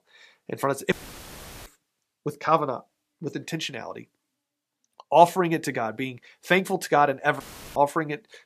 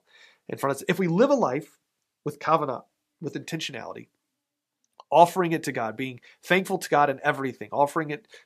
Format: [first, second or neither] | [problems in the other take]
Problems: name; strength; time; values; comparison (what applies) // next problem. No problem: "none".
second | audio cutting out; filled with static; at 1 s for 0.5 s and at 7.5 s